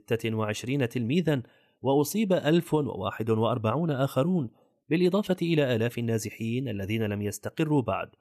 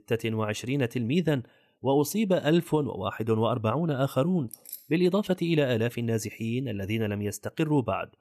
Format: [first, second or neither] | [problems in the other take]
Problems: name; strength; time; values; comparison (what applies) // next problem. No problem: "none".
first | jangling keys; faint; at 4.5 s; peak 15 dB below the speech